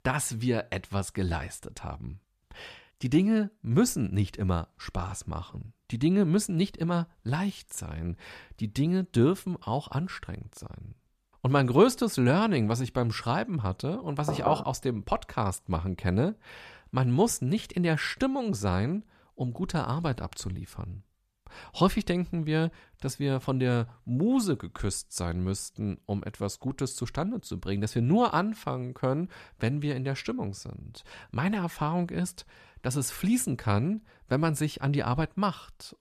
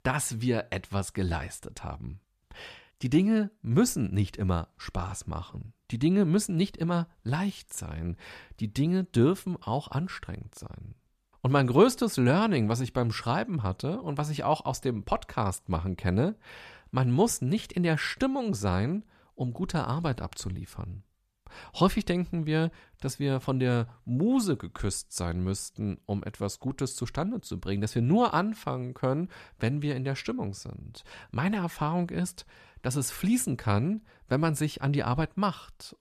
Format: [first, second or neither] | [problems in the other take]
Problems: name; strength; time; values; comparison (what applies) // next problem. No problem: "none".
second | door banging; noticeable; at 14 s; peak 3 dB below the speech